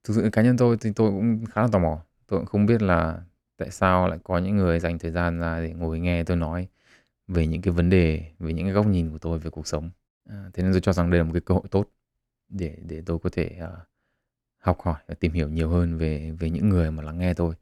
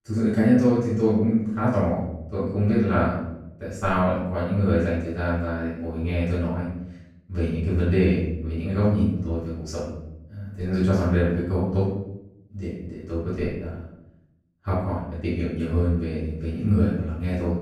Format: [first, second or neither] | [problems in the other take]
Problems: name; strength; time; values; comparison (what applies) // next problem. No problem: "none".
first | off-mic speech; far // room echo; noticeable; dies away in 0.7 s